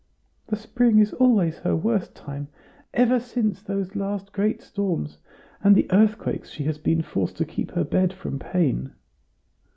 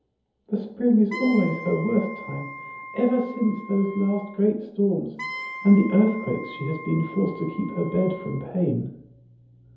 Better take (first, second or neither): first